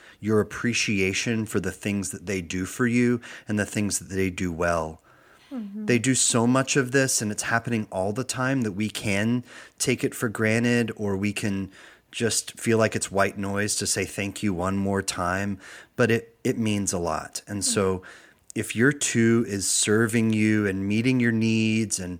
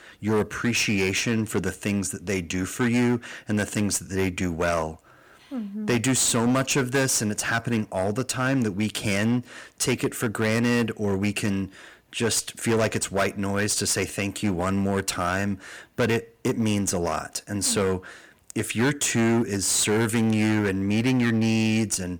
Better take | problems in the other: first | distortion; slight; 11% of the sound clipped

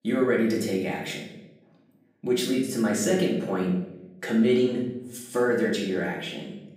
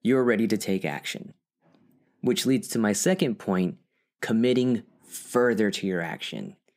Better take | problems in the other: second | off-mic speech; far // room echo; noticeable; dies away in 0.7 s

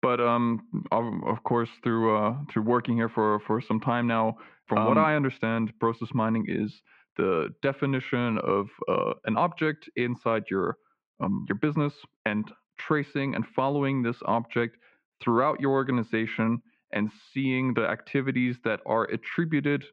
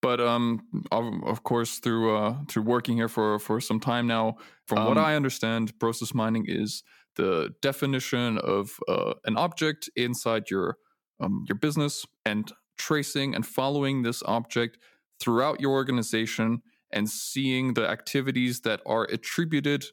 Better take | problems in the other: second | muffled; very; fading above 2.5 kHz

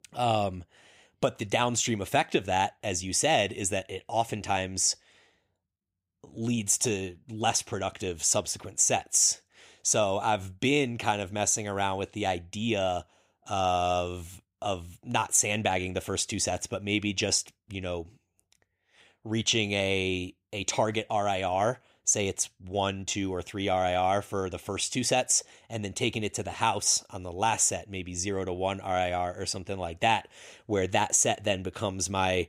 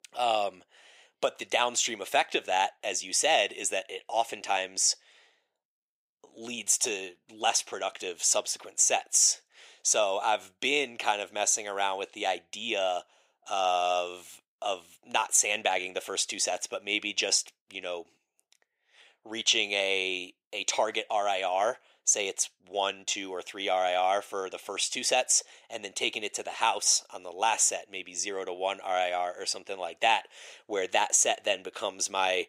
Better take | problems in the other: first | thin; very; fading below 500 Hz

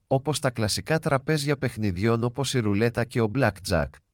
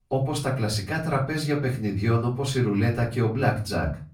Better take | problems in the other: first | off-mic speech; far // room echo; slight; dies away in 0.3 s

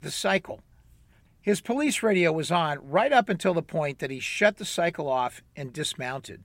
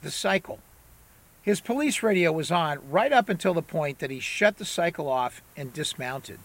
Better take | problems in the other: first | hiss; faint; throughout; 30 dB below the speech

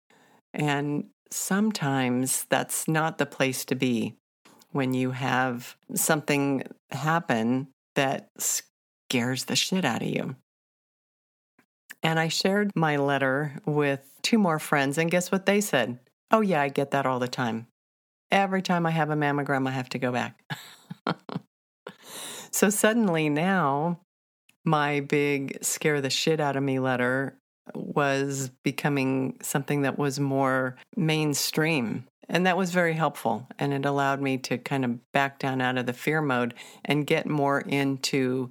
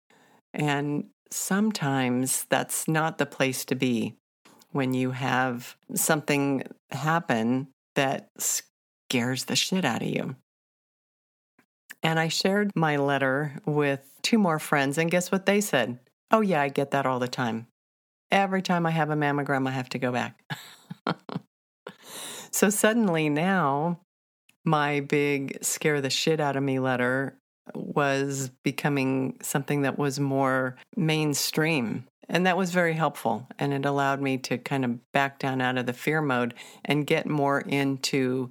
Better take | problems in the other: neither | none

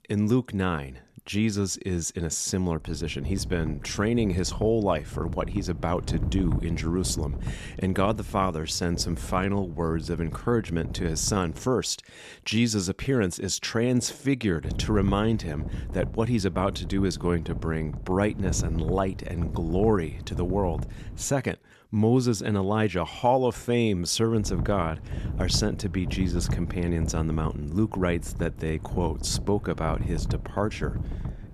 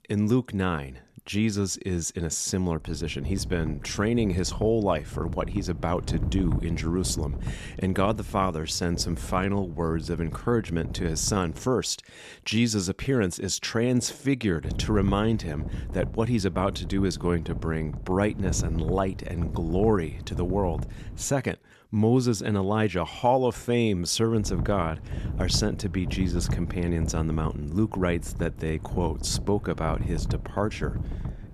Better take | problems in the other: neither | wind noise on the microphone; occasional gusts; from 3 to 12 s, from 15 to 21 s and from 24 s on; 15 dB below the speech; the same in both

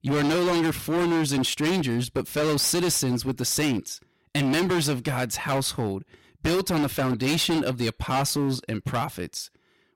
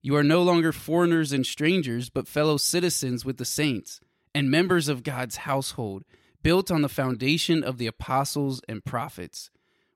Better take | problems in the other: second | distortion; heavy; 23% of the sound clipped

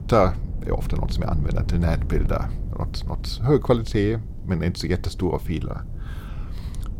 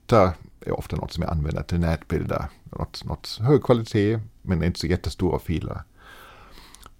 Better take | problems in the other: second | low rumble; noticeable; throughout; 20 dB below the speech

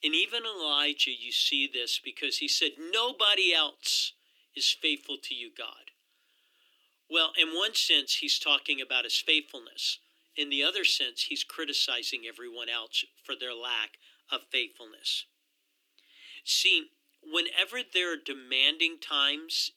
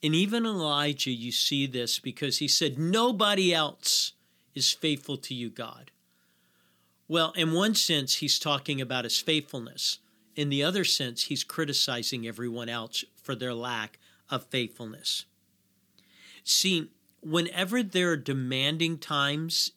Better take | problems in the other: second | thin; somewhat; fading below 300 Hz

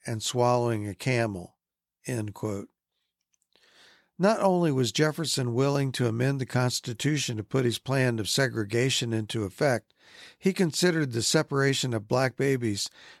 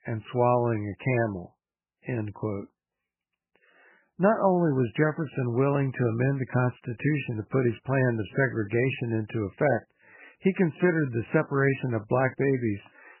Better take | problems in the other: first | garbled, watery; badly; nothing above 3 kHz

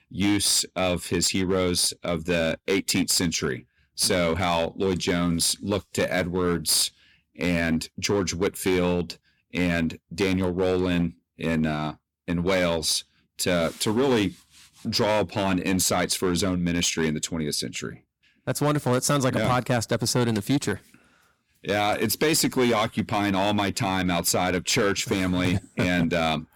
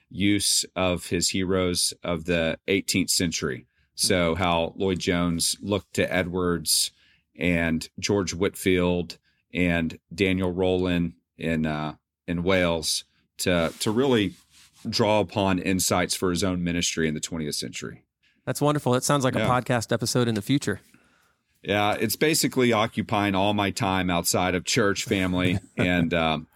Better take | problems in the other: second | distortion; slight; 6% of the sound clipped

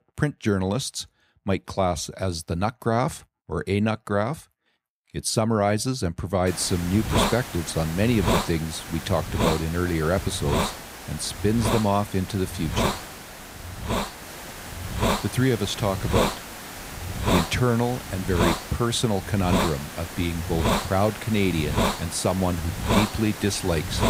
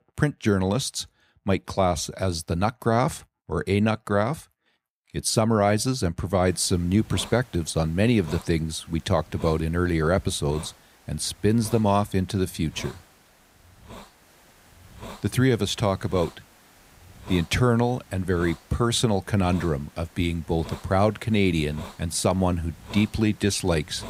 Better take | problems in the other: second | hiss; loud; from 6.5 s on; 3 dB below the speech; faint in the second

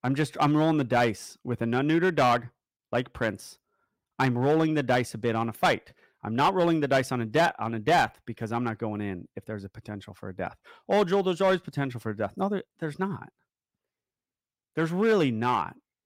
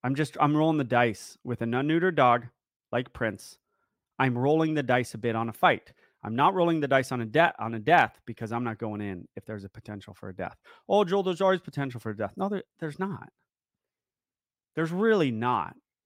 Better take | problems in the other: second | distortion; slight; 3% of the sound clipped

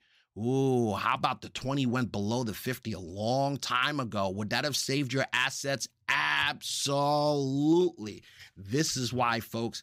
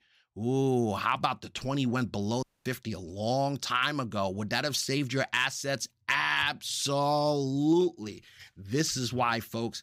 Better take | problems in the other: first | audio cutting out; at 2.5 s

